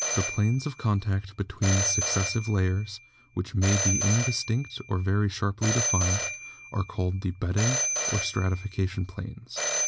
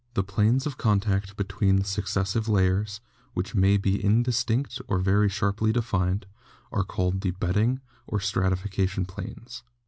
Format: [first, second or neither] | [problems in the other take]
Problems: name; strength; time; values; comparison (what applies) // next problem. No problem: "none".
second | background sound (Telephone); 5 dB below the speech